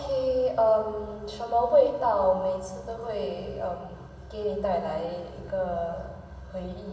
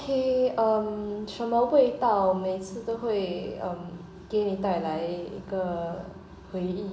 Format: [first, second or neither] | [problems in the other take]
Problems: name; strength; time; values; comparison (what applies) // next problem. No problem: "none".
second | room echo; dies away in 2 s